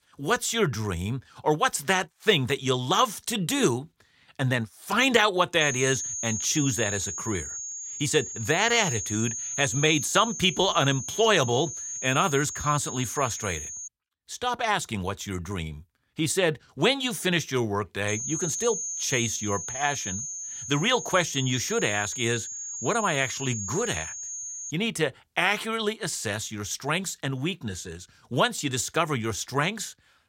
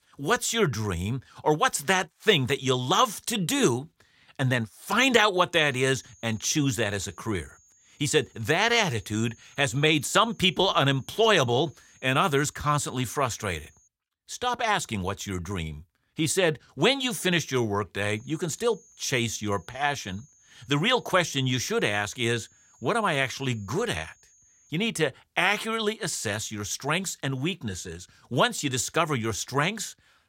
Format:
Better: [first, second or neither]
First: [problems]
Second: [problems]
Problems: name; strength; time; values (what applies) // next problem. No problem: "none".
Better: second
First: high-pitched whine; loud; from 5.5 to 14 s and from 18 to 25 s; 6.5 kHz, 6 dB below the speech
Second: high-pitched whine; faint; from 5.5 to 14 s and from 18 to 25 s; 6.5 kHz, 30 dB below the speech